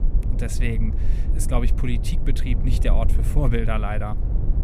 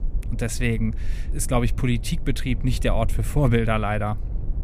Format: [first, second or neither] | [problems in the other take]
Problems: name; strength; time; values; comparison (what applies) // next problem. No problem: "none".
second | low rumble; loud; throughout; 9 dB below the speech; faint in the second